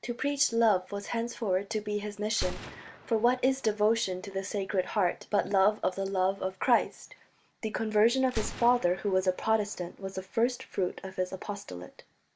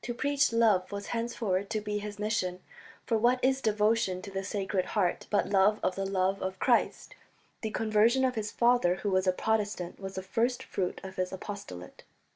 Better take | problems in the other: second | background sound (Gunshot, gunfire); 17 dB below the speech

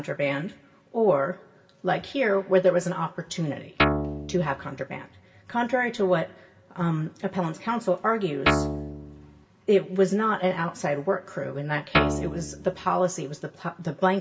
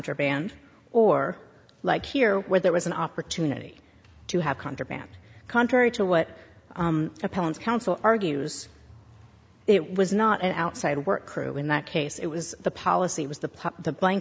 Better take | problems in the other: second | background sound (Guitar); as loud as the speech // room echo; dies away in 0.2 s

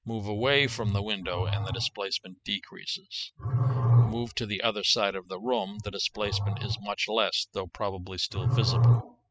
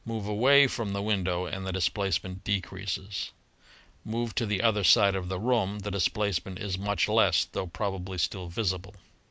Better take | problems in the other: second | noise reduction (classical method spectral subtraction)

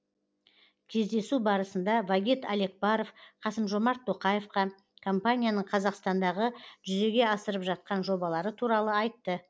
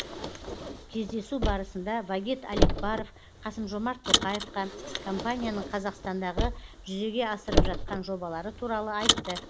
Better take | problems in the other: first | background sound (Car); 2 dB above the speech

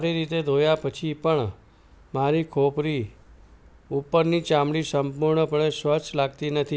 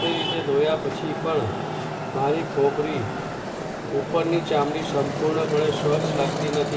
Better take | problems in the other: first | background sound (Traffic noise, roadway noise); 3 dB below the speech // room echo; dies away in 2.1 s

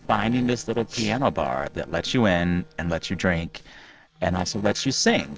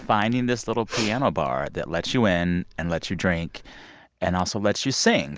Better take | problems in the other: second | noise reduction (neural separator model SepFormer DNS4)

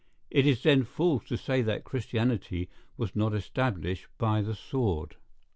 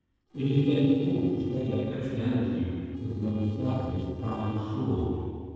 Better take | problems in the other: first | noise reduction (neural separator model SepFormer DNS4)

